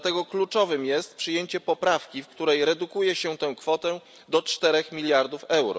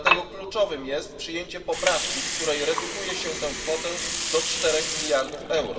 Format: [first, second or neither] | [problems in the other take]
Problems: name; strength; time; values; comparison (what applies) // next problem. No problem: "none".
first | background sound (Water); 2 dB below the speech // room echo; dies away in 2.3 s